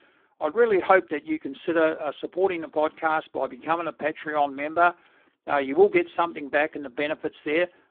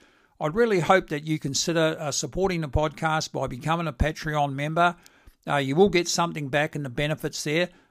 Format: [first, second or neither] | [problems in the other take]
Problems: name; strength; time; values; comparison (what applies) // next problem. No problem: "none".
second | phone-call audio; poor line